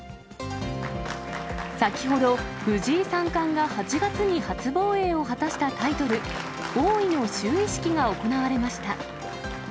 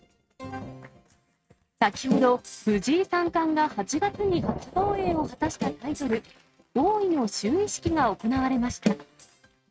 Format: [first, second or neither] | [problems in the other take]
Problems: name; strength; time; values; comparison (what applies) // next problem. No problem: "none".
first | noise reduction (neural mask model RNNoise)